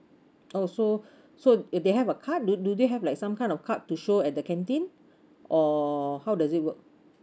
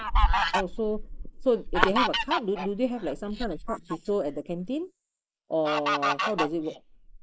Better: first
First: none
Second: noise reduction (neural mask model Resemble Enhance denoiser)

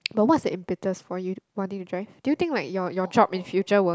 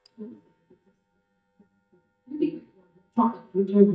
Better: first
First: none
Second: noise reduction (neural mask model DeepFilterNet 3)

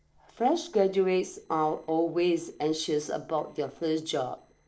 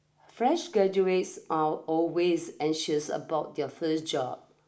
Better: second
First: noise reduction (neural separator model SepFormer DNS4)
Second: none

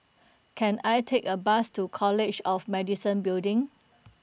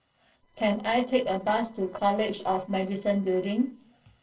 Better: first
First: none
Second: noise reduction (neural separator model SepFormer DNS4)

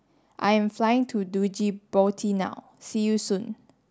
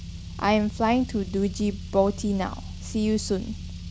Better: first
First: none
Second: background sound (Car); 10 dB below the speech

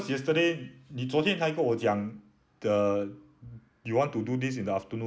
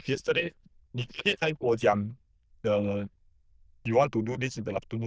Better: first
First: none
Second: noise reduction (neural diffusion model UNIVERSE++)

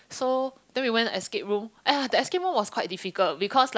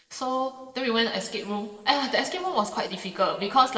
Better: first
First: none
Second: noise reduction (neural separator model SepFormer DNS4)

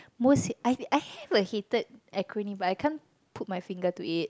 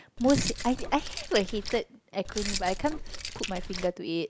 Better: first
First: none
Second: background sound (Keys jangling); 6 dB below the speech

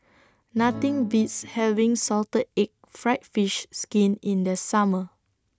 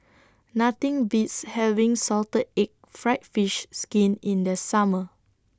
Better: second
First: noise reduction (neural mask model RNNoise)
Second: none

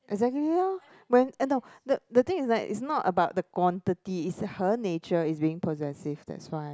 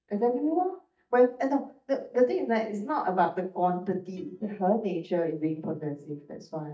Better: first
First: none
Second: noise reduction (neural mask model DeepFilterNet 3)

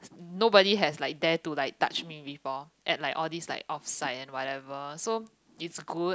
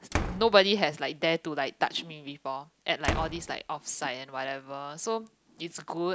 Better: first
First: none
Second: background sound (Slam); 9 dB below the speech

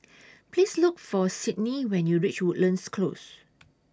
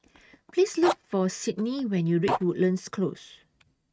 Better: first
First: none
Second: noise reduction (neural mask model RNNoise)

